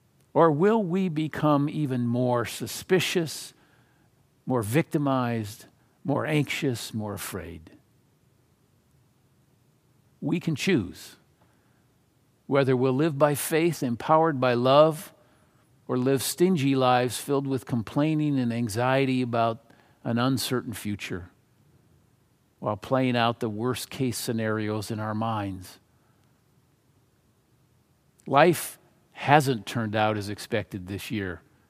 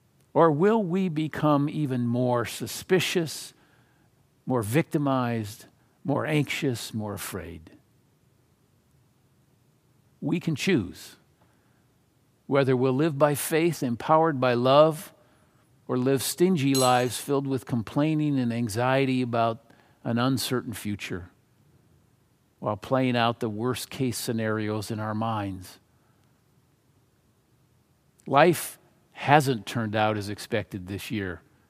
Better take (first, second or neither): first